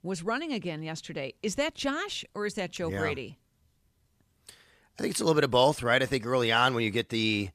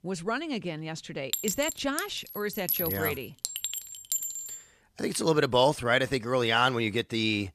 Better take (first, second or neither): first